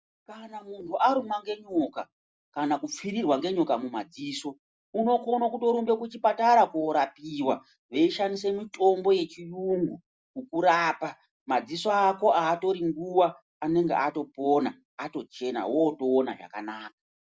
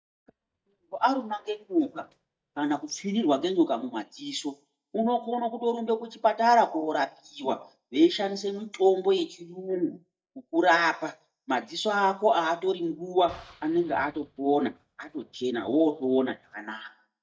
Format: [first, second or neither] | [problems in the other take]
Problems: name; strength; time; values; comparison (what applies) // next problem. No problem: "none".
first | noise reduction (neural mask model DeepFilterNet 3)